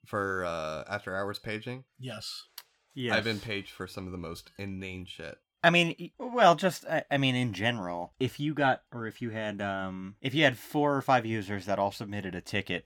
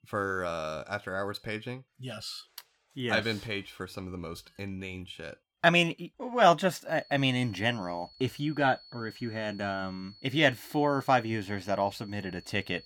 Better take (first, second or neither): first